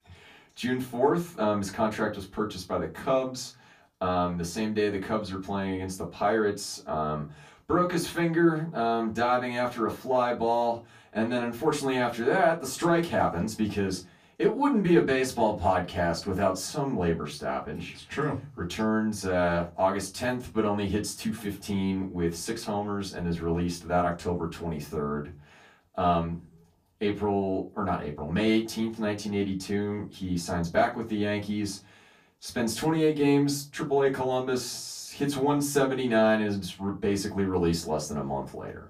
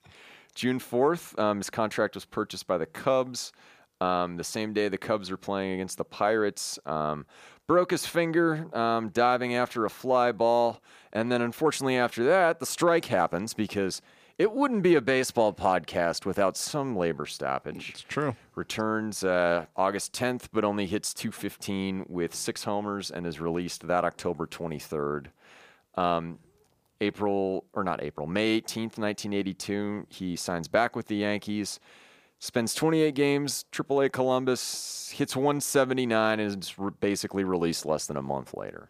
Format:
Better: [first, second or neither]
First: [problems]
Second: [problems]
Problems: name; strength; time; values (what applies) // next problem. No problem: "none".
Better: second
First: off-mic speech; far // room echo; very slight; dies away in 0.3 s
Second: none